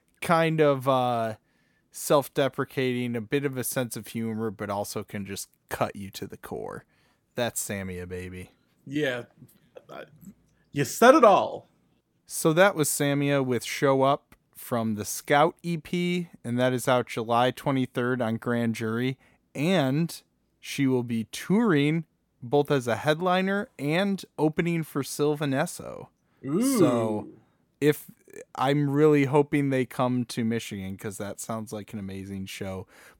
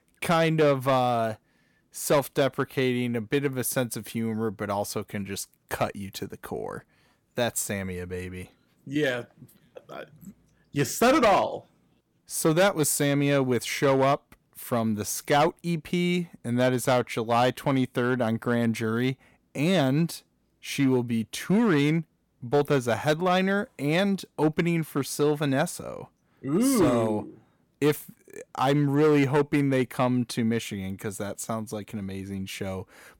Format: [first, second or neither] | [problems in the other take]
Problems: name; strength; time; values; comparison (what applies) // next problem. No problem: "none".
first | distortion; slight; 3% of the sound clipped